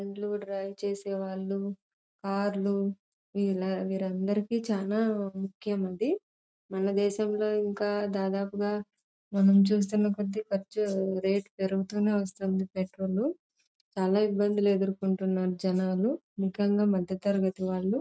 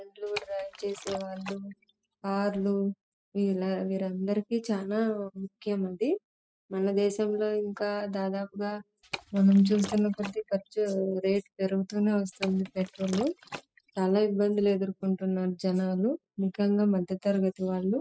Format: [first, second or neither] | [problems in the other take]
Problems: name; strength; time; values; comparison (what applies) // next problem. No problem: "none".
first | noise reduction (classical method spectral subtraction)